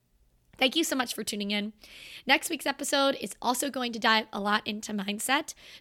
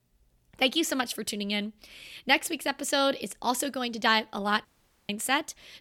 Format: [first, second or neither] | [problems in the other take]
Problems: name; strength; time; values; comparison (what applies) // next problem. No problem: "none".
first | audio cutting out; at 4.5 s